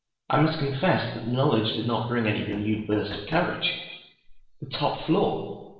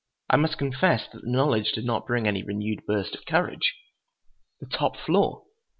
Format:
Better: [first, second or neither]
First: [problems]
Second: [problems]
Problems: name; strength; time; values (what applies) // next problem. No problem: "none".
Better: second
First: noise reduction (neural separator model SepFormer DNS4)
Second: none